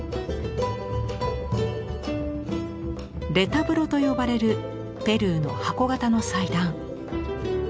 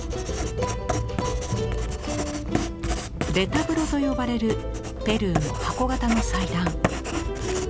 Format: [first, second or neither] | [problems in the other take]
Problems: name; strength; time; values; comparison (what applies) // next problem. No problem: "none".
first | background sound (Writing); 3 dB below the speech